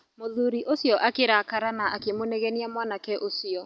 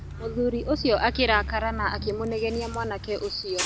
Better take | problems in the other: first | background sound (Bus); 8 dB below the speech

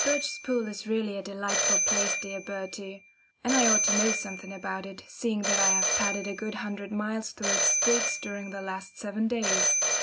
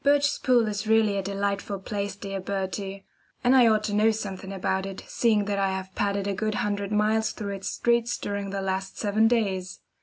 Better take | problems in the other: second | background sound (Telephone); 2 dB above the speech

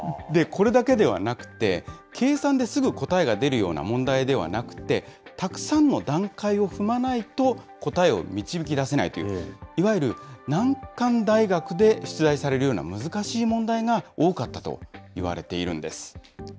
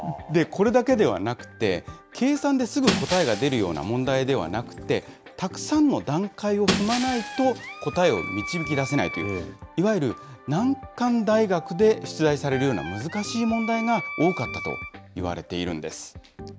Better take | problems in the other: first | background sound (Shatter + Wind instrument, woodwind instrument); 9 dB below the speech

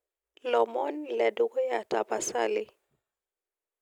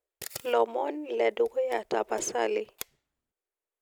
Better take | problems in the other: first | background sound (Camera); 19 dB below the speech

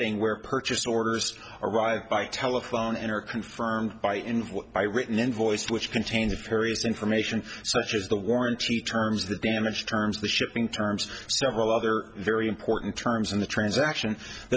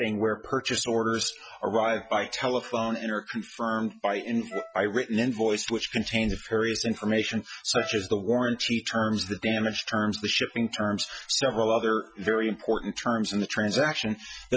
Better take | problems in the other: first | noise reduction (classical method Wiener filter)

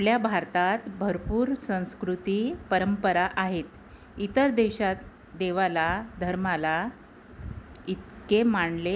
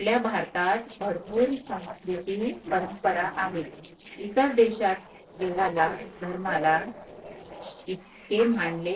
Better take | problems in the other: first | noise reduction (neural separator model SepFormer DNS4)

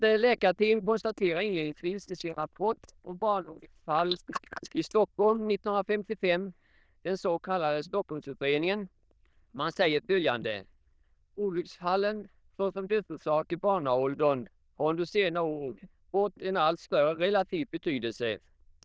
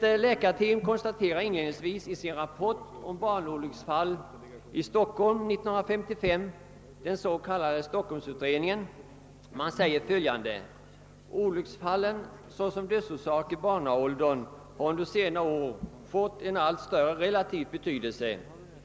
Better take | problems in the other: second | noise reduction (neural diffusion model UNIVERSE++)

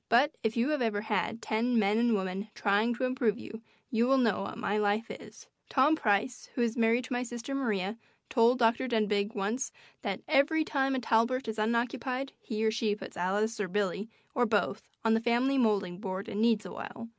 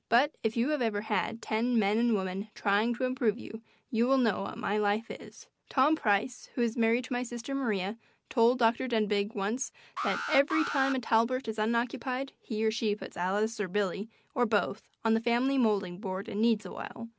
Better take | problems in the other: first | background sound (Alarm); 7 dB below the speech

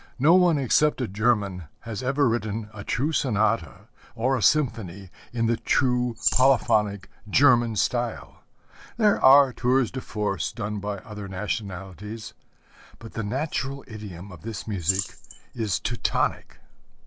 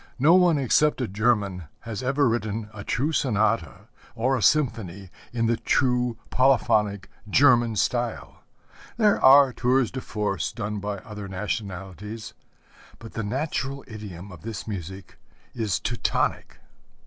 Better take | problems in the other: second | background sound (Rattle / Keys jangling); 10 dB below the speech

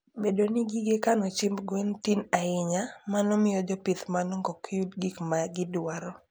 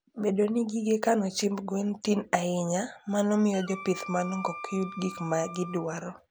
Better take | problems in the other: first | background sound (Wind instrument, woodwind instrument); 14 dB below the speech

